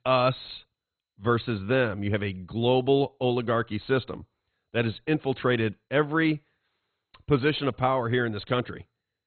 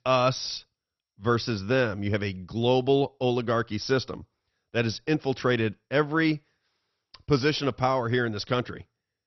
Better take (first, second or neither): second